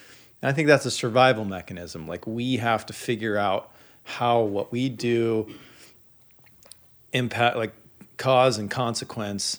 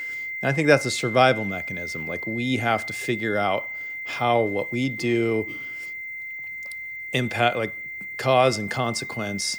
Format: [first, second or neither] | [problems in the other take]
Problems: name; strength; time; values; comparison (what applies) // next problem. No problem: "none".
first | high-pitched whine; loud; throughout; 2 kHz, 7 dB below the speech